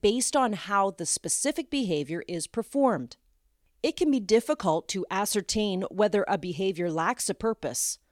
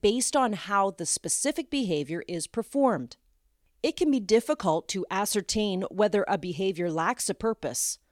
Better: neither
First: none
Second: none

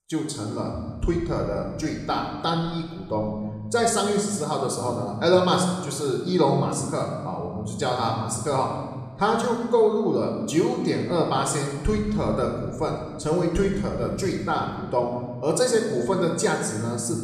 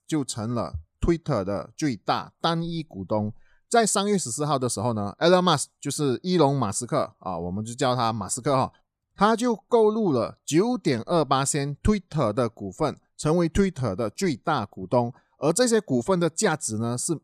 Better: second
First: room echo; noticeable; dies away in 1.4 s // off-mic speech; somewhat distant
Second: none

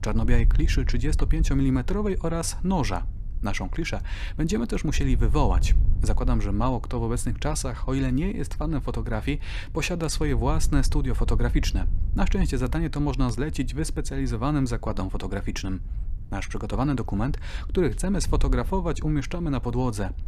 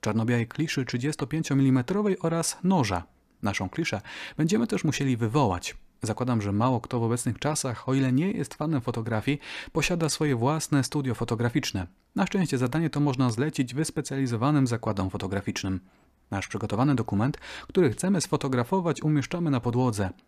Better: second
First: wind noise on the microphone; occasional gusts; 20 dB below the speech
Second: none

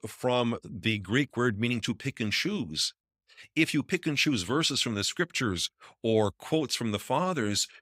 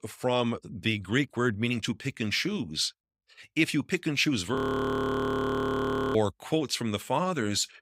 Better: first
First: none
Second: audio freezing; at 4.5 s for 1.5 s

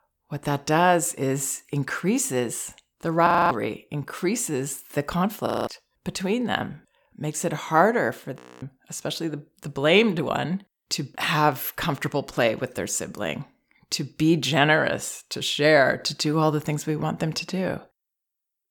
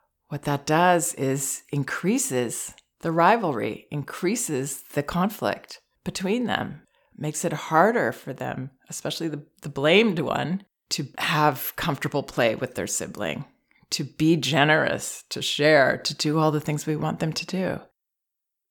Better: second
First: audio freezing; at 3.5 s, at 5.5 s and at 8.5 s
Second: none

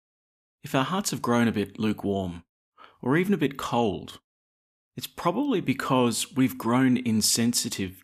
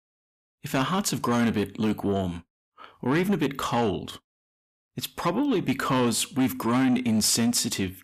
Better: first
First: none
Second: distortion; slight; 10 dB below the speech

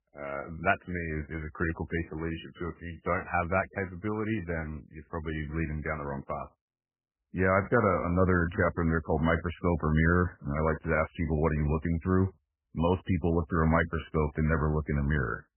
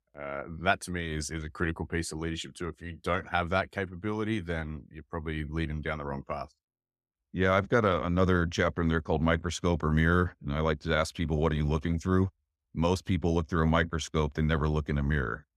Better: second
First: garbled, watery; badly; nothing above 2.5 kHz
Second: none

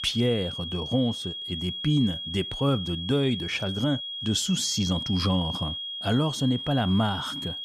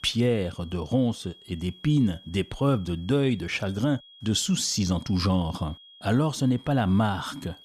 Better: second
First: high-pitched whine; loud; throughout; 3.5 kHz, 5 dB below the speech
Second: high-pitched whine; faint; throughout; 3.5 kHz, 25 dB below the speech

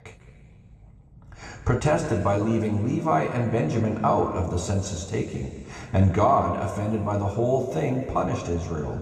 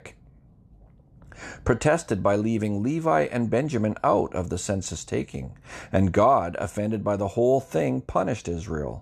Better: second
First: room echo; noticeable; dies away in 2.1 s // off-mic speech; somewhat distant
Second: none

